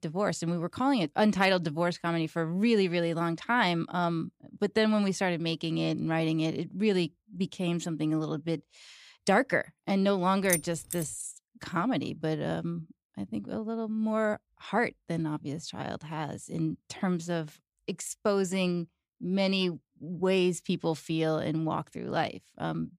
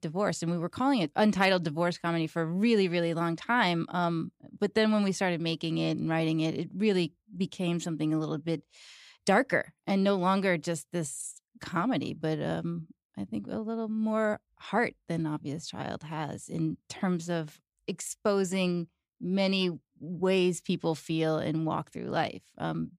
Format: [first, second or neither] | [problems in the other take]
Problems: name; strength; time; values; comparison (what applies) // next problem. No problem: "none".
second | jangling keys; noticeable; at 10 s; peak 1 dB below the speech